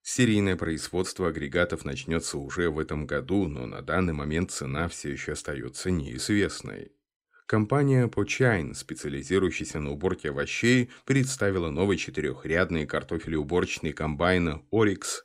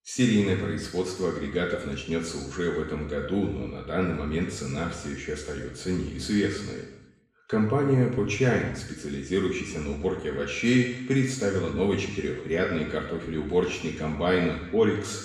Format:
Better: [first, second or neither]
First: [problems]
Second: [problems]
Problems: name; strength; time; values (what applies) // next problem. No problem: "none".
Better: first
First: none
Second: room echo; noticeable; dies away in 1 s // off-mic speech; far